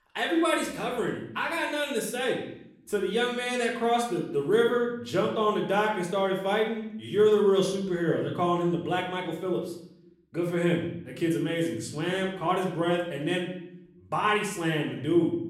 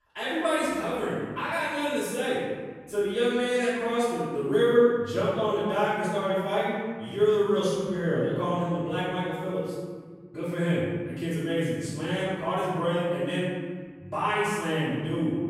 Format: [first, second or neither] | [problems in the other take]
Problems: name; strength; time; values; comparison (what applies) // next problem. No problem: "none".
first | room echo; strong; dies away in 1.6 s; slight in the first // off-mic speech; far; far in the first